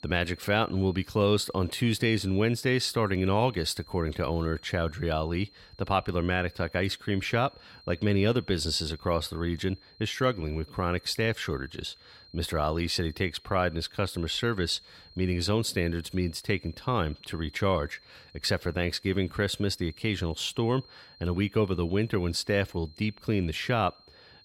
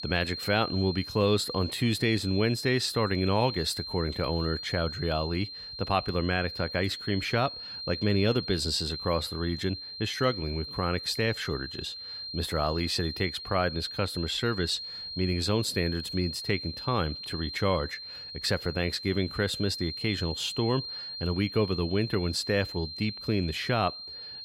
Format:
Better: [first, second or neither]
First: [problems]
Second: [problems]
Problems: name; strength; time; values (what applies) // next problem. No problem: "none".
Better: first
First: high-pitched whine; faint; throughout; 4 kHz, 25 dB below the speech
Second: high-pitched whine; loud; throughout; 4 kHz, 7 dB below the speech